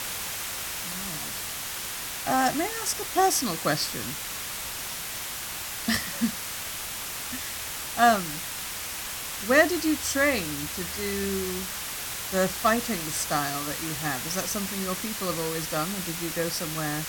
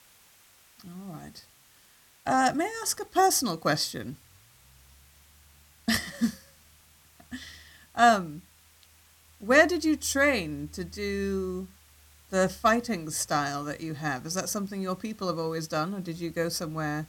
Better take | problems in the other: second | hiss; loud; throughout; 4 dB below the speech; faint in the second

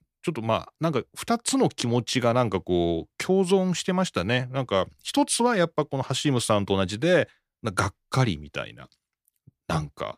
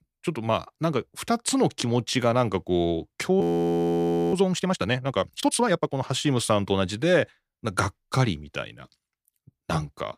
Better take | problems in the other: first | audio freezing; at 3.5 s for 1 s

